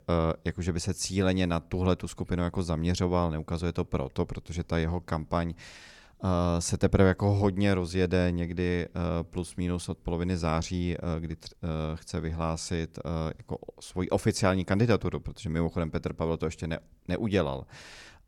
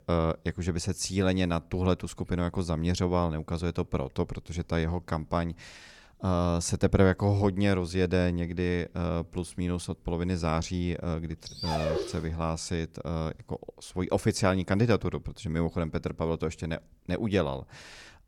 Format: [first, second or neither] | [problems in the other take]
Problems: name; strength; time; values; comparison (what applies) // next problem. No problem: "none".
first | dog barking; noticeable; at 11 s; peak 1 dB below the speech